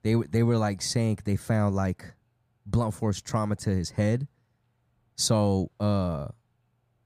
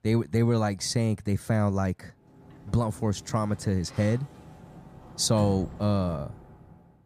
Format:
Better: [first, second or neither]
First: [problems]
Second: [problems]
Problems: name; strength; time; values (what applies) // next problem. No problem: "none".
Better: first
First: none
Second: door banging; noticeable; from 2.5 s on; peak 10 dB below the speech